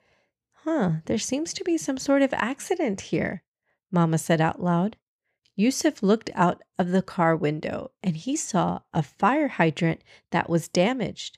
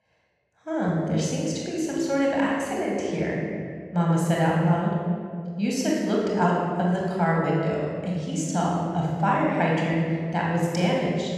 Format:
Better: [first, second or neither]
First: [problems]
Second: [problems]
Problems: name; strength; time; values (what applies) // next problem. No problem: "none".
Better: first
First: none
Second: off-mic speech; far // room echo; strong; dies away in 1.8 s